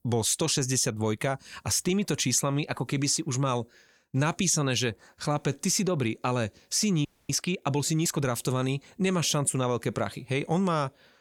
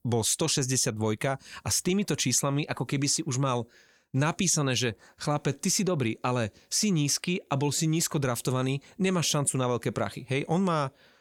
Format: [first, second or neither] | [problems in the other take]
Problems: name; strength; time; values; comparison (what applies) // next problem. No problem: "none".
second | audio freezing; at 7 s